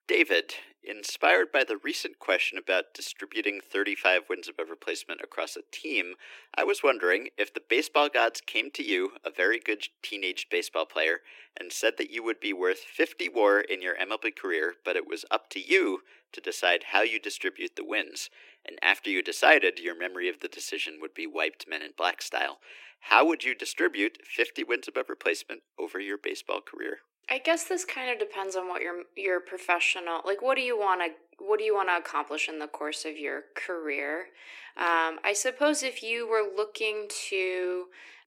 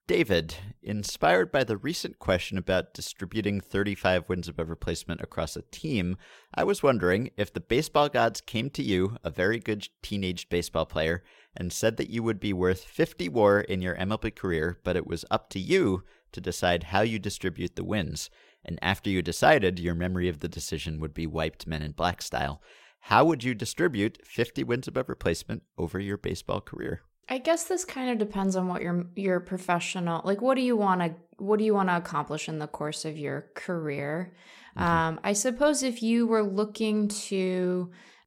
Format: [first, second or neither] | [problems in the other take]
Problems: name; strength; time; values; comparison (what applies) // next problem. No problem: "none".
second | thin; somewhat; fading below 300 Hz